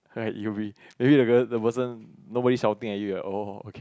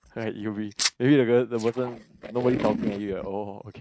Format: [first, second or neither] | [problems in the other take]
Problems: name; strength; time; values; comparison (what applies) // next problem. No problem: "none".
first | noise reduction (neural mask model RNNoise)